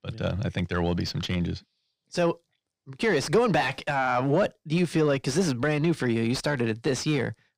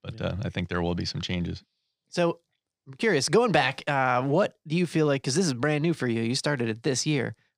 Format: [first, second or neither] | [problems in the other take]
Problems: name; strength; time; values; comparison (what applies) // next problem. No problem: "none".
second | distortion; slight; 10 dB below the speech